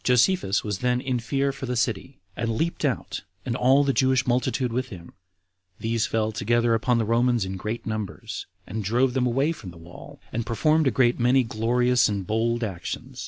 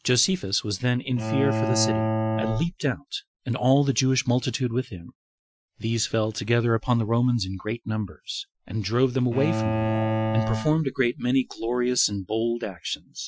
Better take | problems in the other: first | noise reduction (classical method Wiener filter)

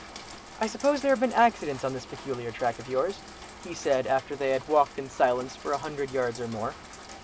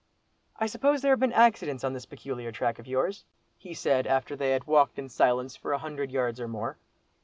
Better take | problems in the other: second | background sound (Rain); 15 dB below the speech

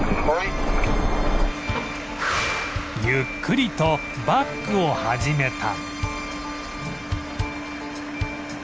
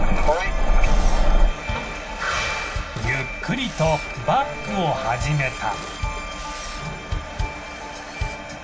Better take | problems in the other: first | background sound (Camera); 20 dB below the speech // room echo; dies away in 0.2 s

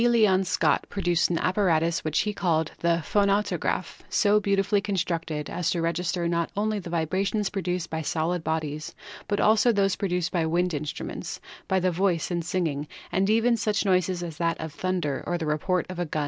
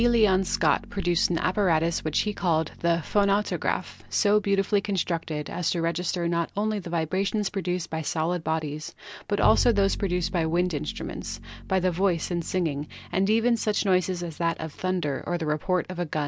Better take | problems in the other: first | background sound (Bowed string instrument); 14 dB below the speech

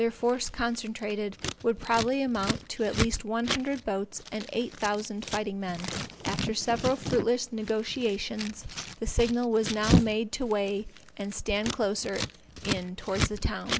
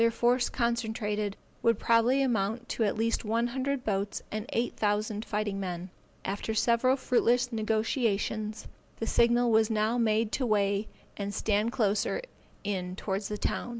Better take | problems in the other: second | background sound (Scissors); 5 dB below the speech

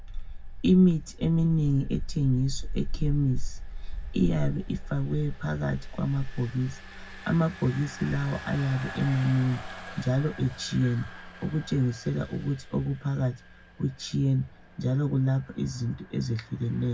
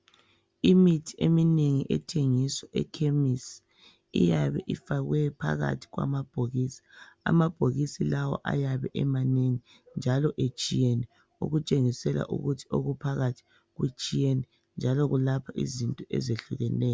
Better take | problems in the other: second | background sound (Engine); 8 dB below the speech // room echo; dies away in 0.4 s

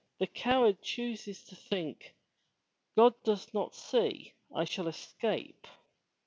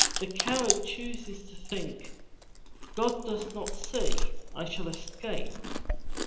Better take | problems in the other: first | background sound (Chewing, mastication); 4 dB above the speech // room echo; dies away in 0.9 s

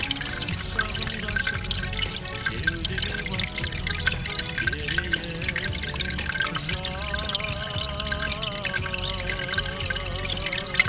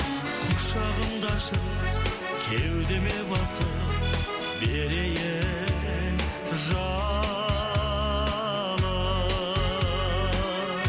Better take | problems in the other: second | background sound (Stream / Trickle, dribble); 3 dB above the speech

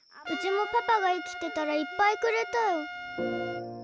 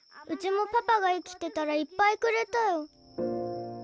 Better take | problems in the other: second | background sound (Trumpet); 10 dB below the speech

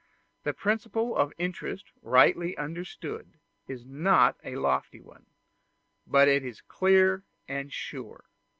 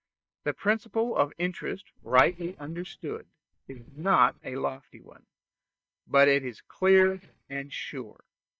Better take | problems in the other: first | noise reduction (neural mask model DeepFilterNet 3)

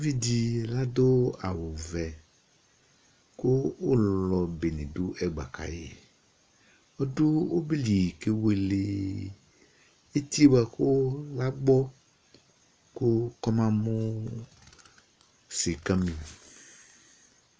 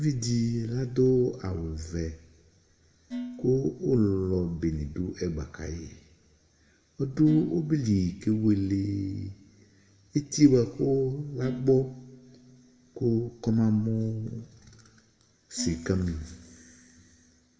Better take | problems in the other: first | background sound (Dishes, pots, and pans); 18 dB below the speech // room echo; dies away in 1.1 s

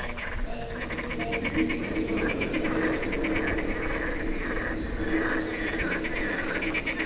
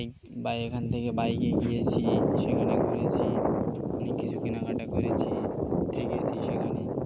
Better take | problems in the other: second | background sound (Bird / Frog); as loud as the speech // room echo; dies away in 1.1 s

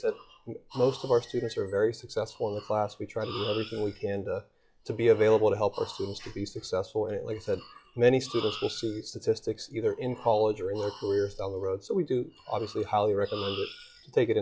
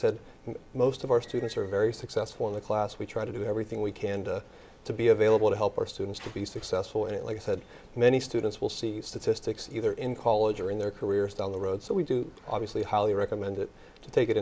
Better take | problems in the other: second | noise reduction (classical method log-MMSE)

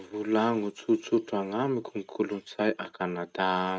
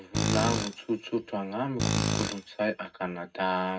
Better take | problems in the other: first | background sound (Tools); as loud as the speech // room echo; dies away in 0.3 s

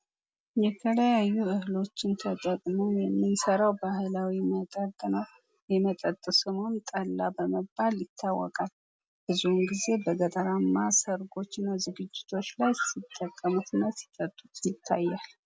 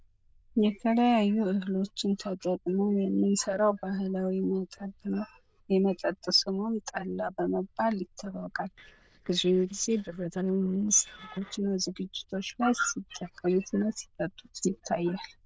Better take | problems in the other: first | noise reduction (neural diffusion model UNIVERSE++)

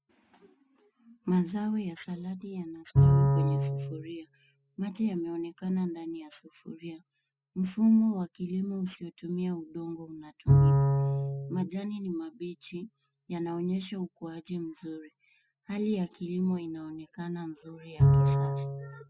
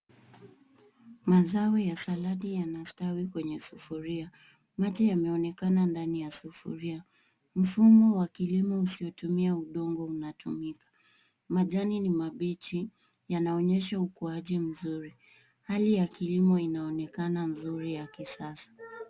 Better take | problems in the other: second | noise reduction (classical method spectral subtraction)

